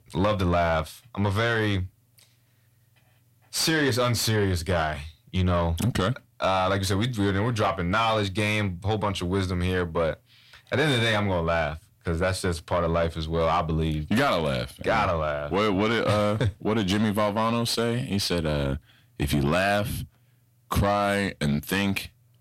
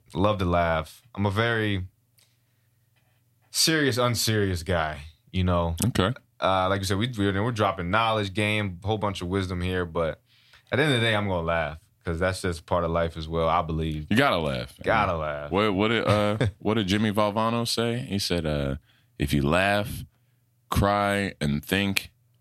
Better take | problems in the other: second | distortion; slight; 10 dB below the speech

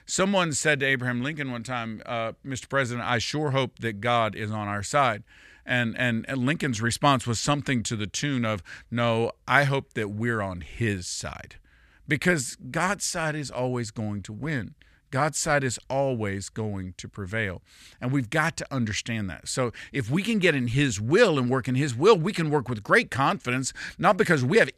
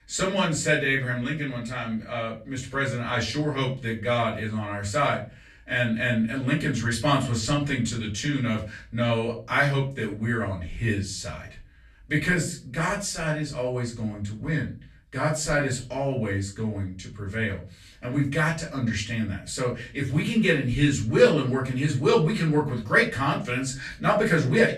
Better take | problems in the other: first | off-mic speech; far // room echo; slight; dies away in 0.3 s

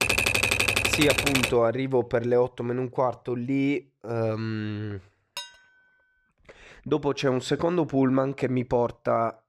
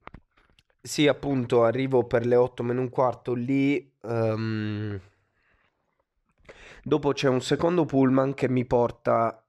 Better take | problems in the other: second | keyboard typing; loud; until 1.5 s; peak 5 dB above the speech // clattering dishes; faint; at 5.5 s; peak 10 dB below the speech

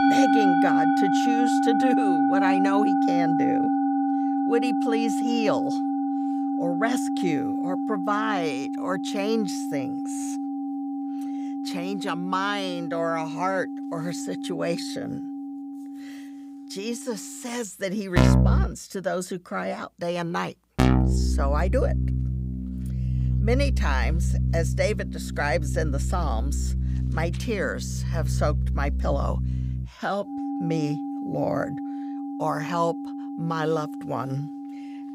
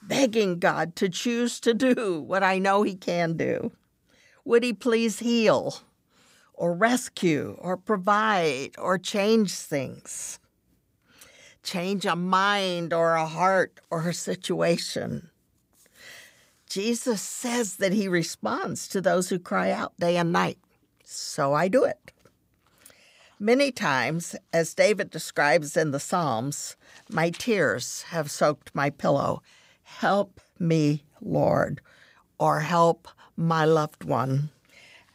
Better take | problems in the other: second | background music; very loud; throughout; 3 dB above the speech

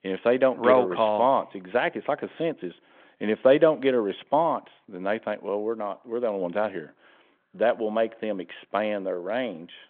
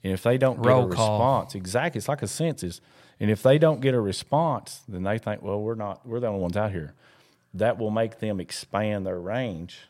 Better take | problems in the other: second | phone-call audio

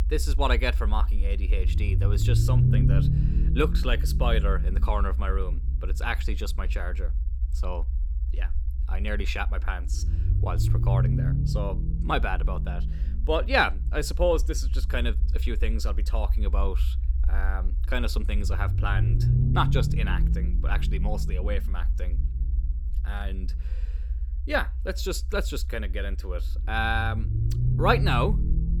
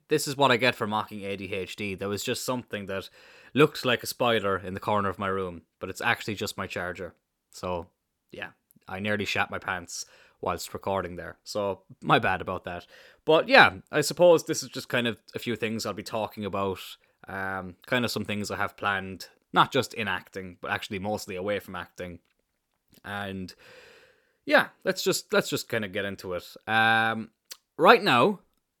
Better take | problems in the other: second | low rumble; noticeable; throughout; 10 dB below the speech

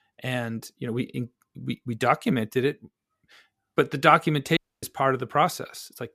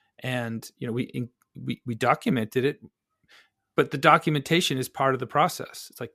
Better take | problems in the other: second | audio cutting out; at 4.5 s

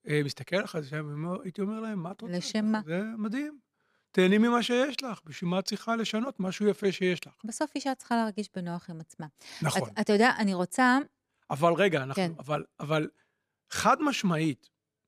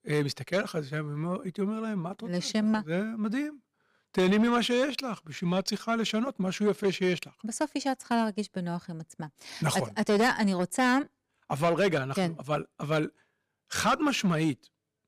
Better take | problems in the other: first | distortion; slight; 10 dB below the speech

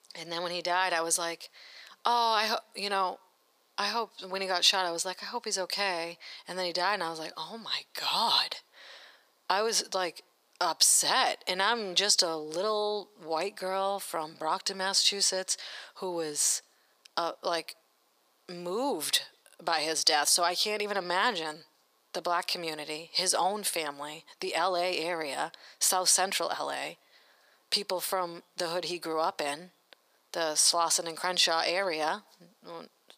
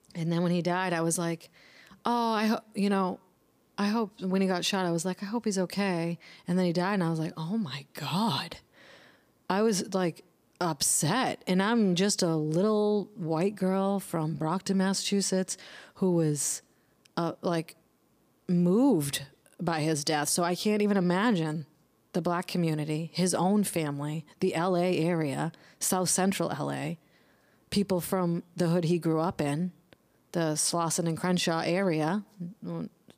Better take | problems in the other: second | thin; very; fading below 700 Hz

